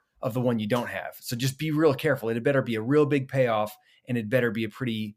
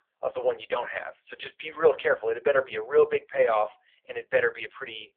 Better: first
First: none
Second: phone-call audio; poor line; nothing above 3.5 kHz

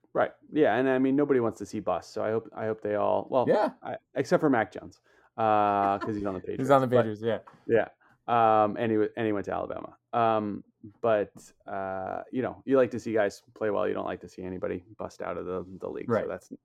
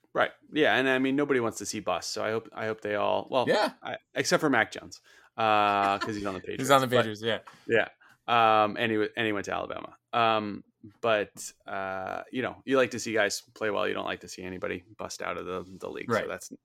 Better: second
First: muffled; slightly; fading above 1.5 kHz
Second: none

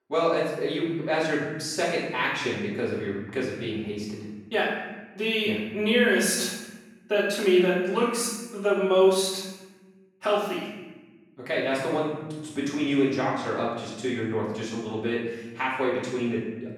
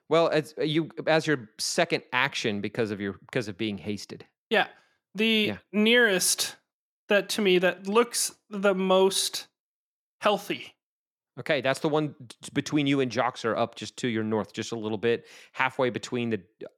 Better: second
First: off-mic speech; far // room echo; noticeable; dies away in 1 s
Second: none

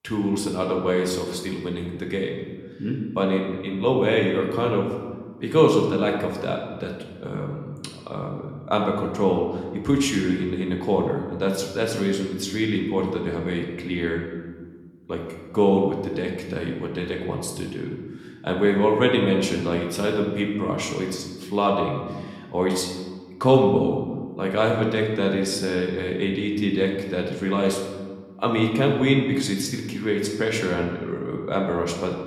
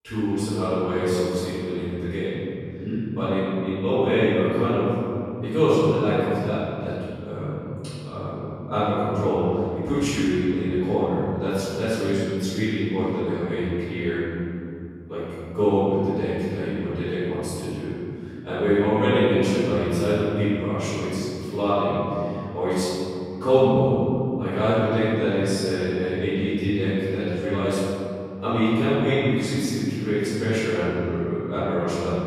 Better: first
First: room echo; slight; dies away in 1.2 s // off-mic speech; somewhat distant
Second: room echo; strong; dies away in 3 s // off-mic speech; far

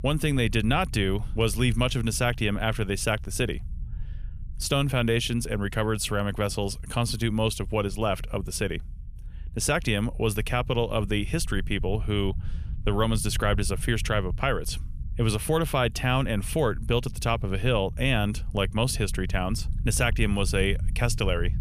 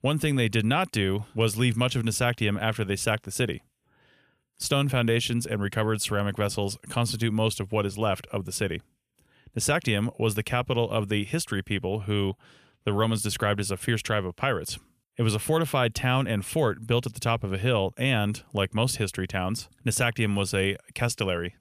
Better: second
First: low rumble; faint; throughout; 25 dB below the speech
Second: none

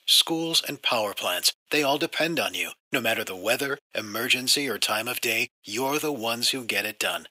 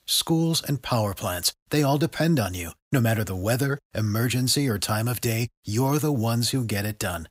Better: second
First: thin; somewhat; fading below 400 Hz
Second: none

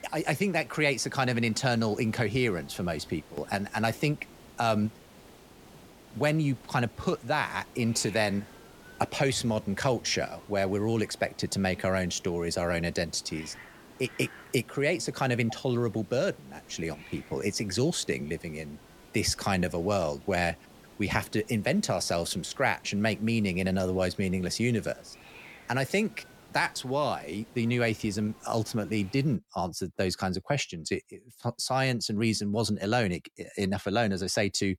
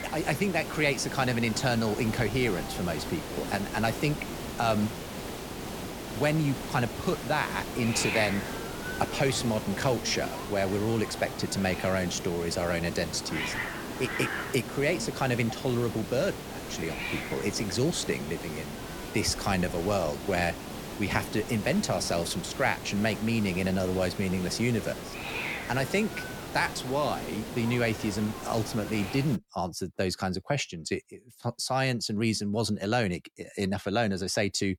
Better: first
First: hiss; faint; until 29 s; 20 dB below the speech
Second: hiss; loud; until 29 s; 7 dB below the speech

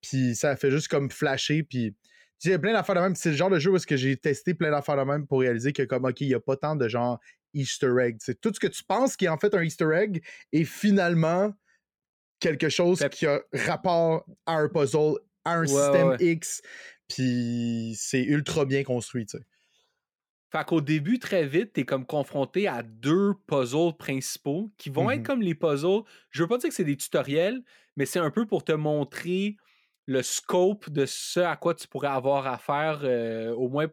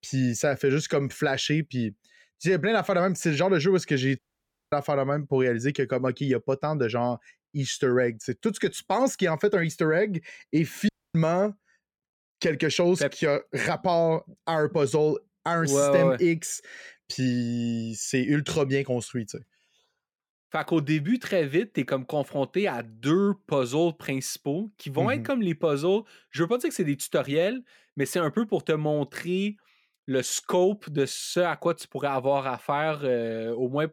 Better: first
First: none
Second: audio cutting out; at 4 s for 0.5 s and at 11 s

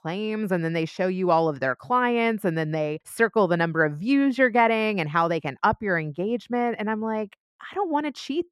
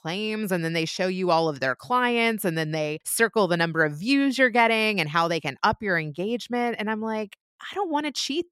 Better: second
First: muffled; slightly; fading above 2.5 kHz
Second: none

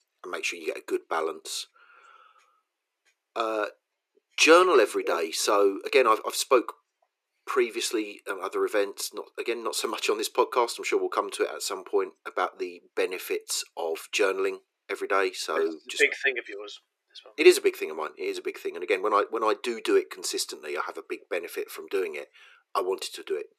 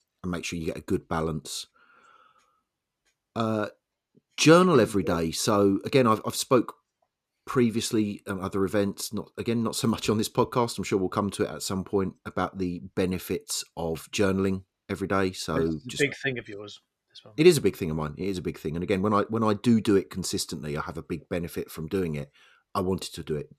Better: second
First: thin; very; fading below 350 Hz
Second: none

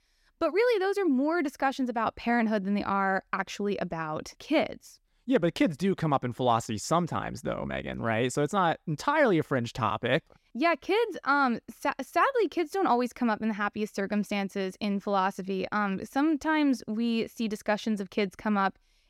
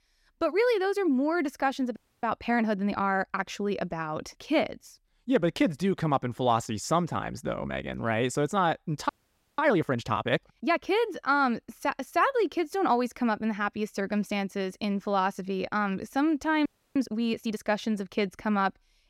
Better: first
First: none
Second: audio freezing; at 2 s, at 9 s and at 17 s

